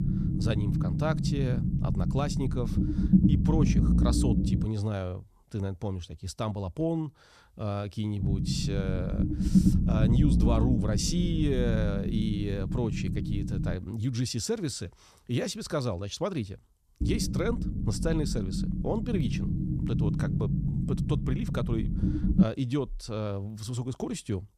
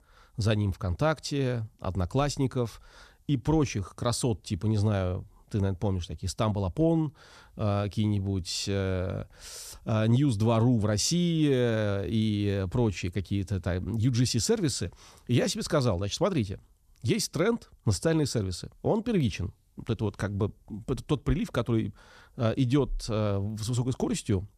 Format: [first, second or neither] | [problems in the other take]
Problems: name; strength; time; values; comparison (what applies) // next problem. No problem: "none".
second | low rumble; loud; until 4.5 s, from 8 to 14 s and from 17 to 22 s; 2 dB below the speech